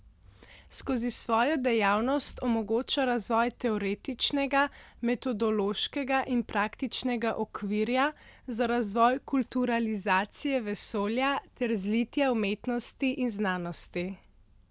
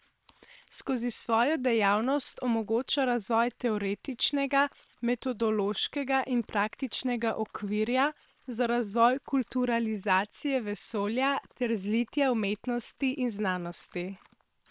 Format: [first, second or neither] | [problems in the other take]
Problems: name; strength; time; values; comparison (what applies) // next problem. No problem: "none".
first | noise reduction (neural separator model SepFormer WHAM!)